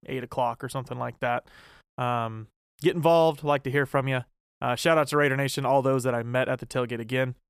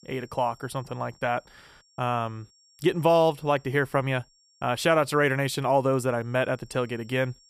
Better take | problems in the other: first | high-pitched whine; faint; throughout; 5.5 kHz, 30 dB below the speech

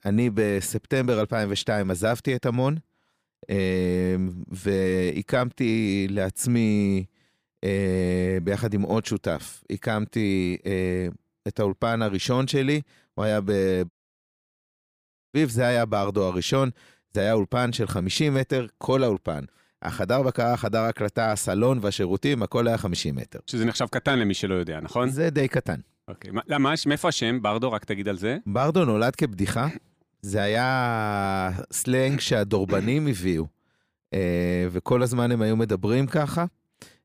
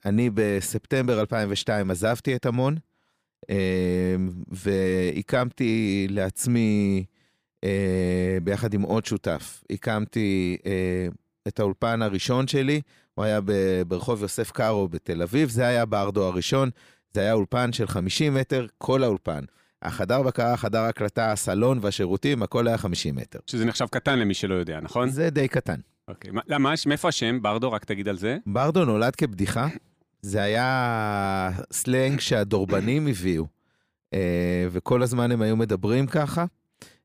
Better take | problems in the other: second | audio cutting out; at 14 s for 1.5 s

